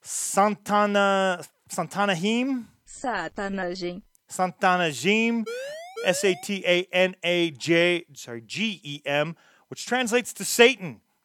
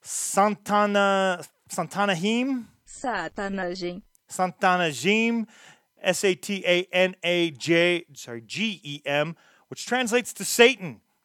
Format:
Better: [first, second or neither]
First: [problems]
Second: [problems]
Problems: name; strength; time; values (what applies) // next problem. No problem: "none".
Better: second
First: siren; faint; from 5.5 to 6.5 s; peak 10 dB below the speech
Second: none